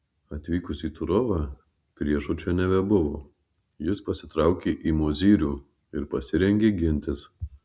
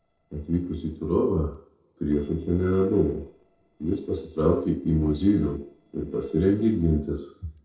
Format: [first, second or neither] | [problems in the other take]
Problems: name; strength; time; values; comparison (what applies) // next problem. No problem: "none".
first | noise reduction (neural separator model SepFormer DNS4)